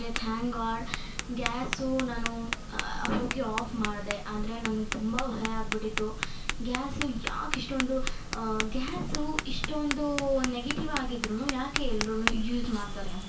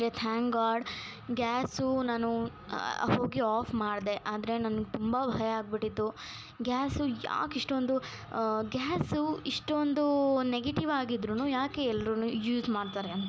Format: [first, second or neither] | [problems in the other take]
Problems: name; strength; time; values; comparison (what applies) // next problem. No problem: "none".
second | background sound (Tap); 1 dB below the speech // room echo; dies away in 0.3 s